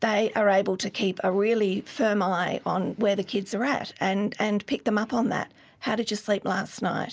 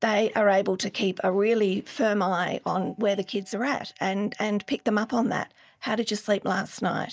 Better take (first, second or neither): first